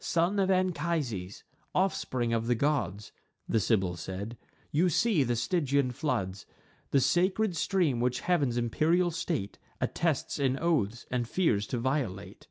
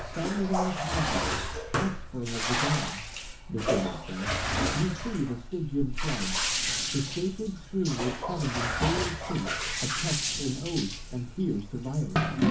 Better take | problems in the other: first | background sound (Bathtub (filling or washing)); 1 dB above the speech // room echo; dies away in 0.3 s

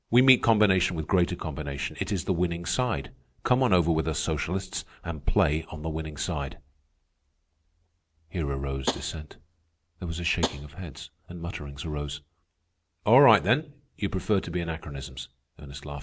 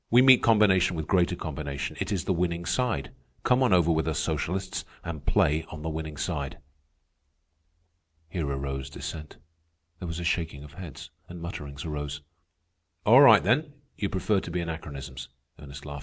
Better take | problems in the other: second | background sound (Tap); 10 dB below the speech

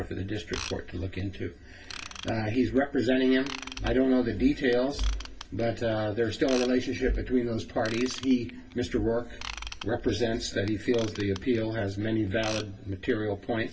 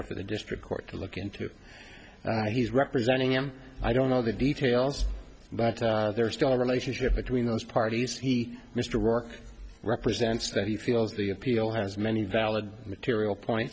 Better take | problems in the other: second | background sound (Ratchet, pawl / Tools); 17 dB below the speech // room echo; dies away in 0.1 s

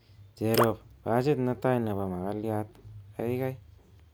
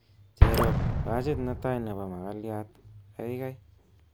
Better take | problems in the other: first | background sound (Explosion); 4 dB above the speech

